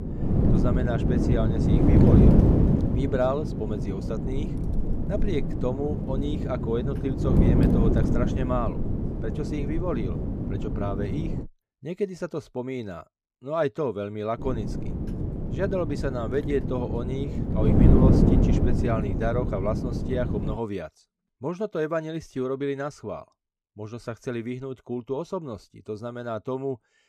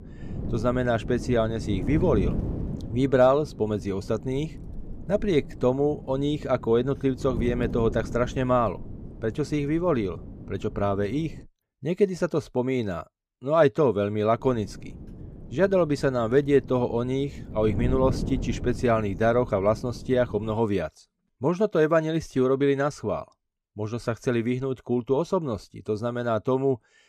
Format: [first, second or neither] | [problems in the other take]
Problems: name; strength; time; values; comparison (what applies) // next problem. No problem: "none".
second | wind noise on the microphone; heavy; until 11 s and from 14 to 21 s; as loud as the speech; occasional gusts in the second